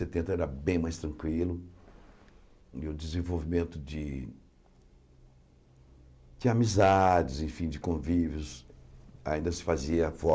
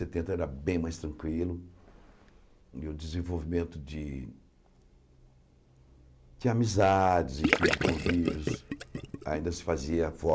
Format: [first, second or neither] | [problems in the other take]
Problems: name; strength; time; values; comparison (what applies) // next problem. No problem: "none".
first | background sound (Gurgling / Liquid); 1 dB above the speech